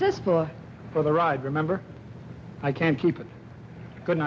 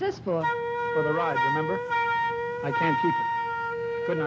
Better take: first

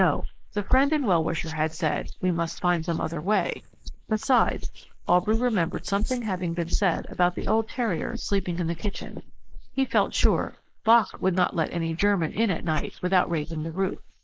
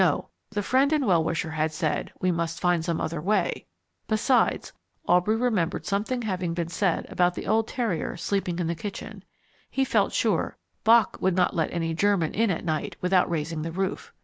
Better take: second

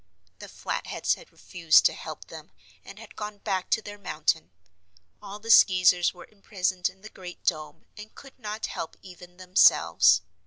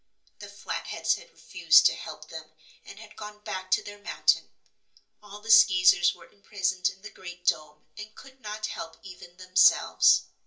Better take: first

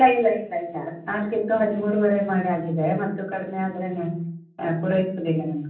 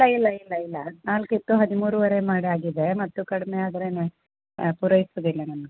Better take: second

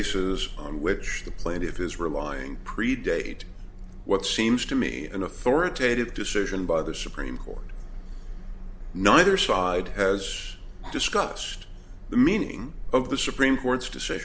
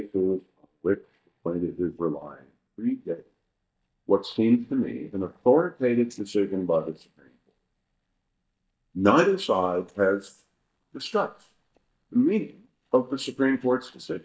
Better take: first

